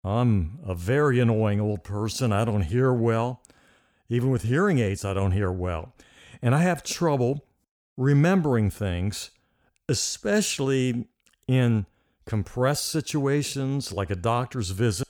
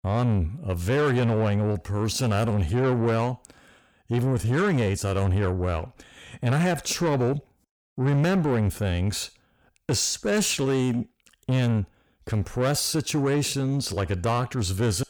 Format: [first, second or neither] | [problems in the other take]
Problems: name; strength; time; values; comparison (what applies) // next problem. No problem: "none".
first | distortion; slight; 10 dB below the speech